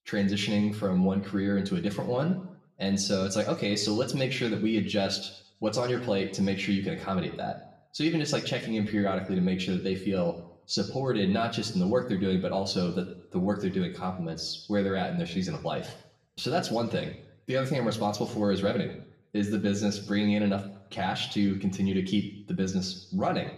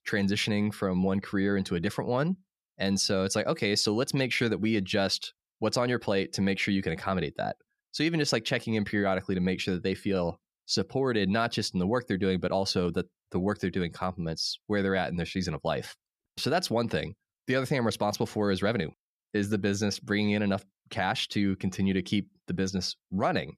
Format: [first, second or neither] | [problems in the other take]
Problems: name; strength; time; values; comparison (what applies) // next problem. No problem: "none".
second | room echo; slight; dies away in 0.6 s // off-mic speech; somewhat distant